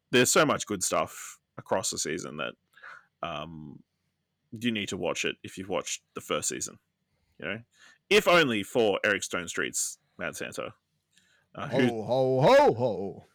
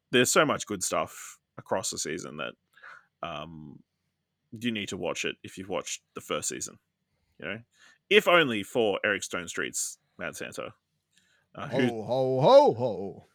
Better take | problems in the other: second | distortion; slight; 1.2% of the sound clipped

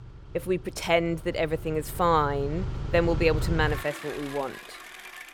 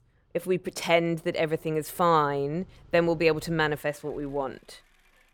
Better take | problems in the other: second | traffic noise; loud; throughout; 9 dB below the speech; faint in the second

